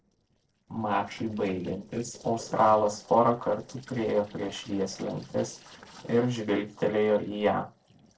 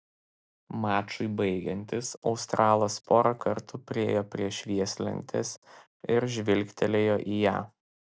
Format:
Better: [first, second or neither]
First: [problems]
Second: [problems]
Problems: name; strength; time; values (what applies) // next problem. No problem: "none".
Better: second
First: noise reduction (neural separator model SepFormer DNS4)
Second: none